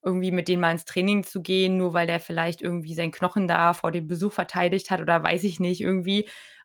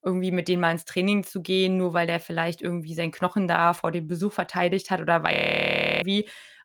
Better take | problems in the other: first | audio freezing; at 5.5 s for 0.5 s

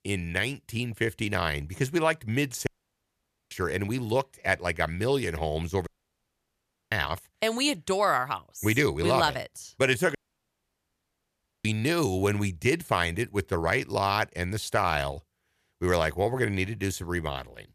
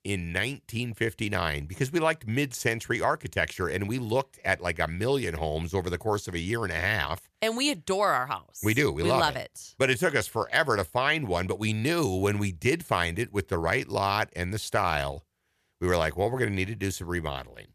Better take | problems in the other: second | audio cutting out; at 2.5 s for 1 s, at 6 s for 1 s and at 10 s for 1.5 s

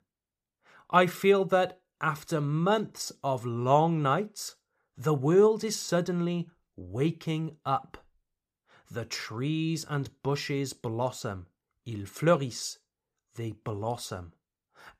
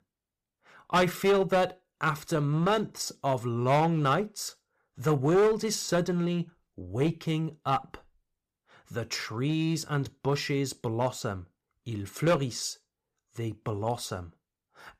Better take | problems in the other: first | distortion; slight; 5% of the sound clipped

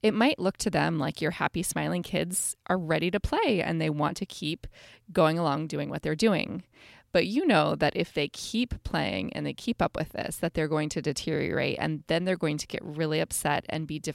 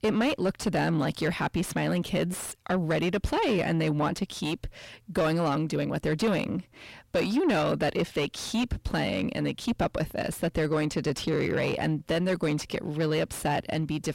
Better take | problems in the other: first | distortion; heavy; 7 dB below the speech

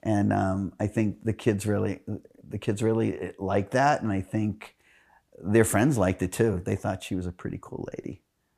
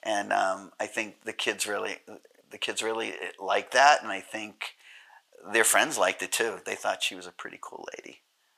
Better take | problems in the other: first | thin; very; fading below 850 Hz

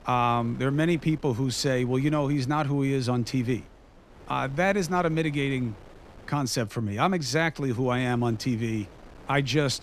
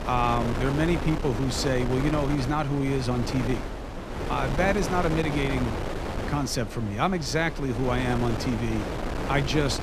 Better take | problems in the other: first | wind noise on the microphone; heavy; 5 dB below the speech; occasional gusts in the first

